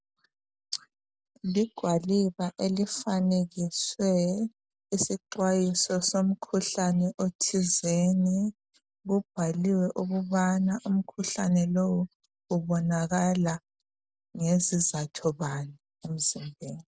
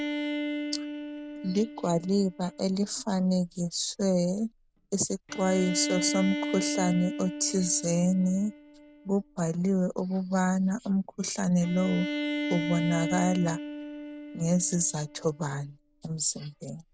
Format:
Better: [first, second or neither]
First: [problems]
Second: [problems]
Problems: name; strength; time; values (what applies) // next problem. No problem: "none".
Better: first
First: none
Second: background sound (Bowed string instrument); 8 dB below the speech